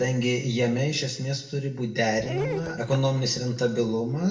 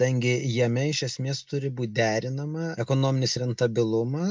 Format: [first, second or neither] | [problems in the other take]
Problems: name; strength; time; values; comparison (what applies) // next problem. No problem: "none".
second | background sound (Dog); 14 dB below the speech // room echo; dies away in 0.6 s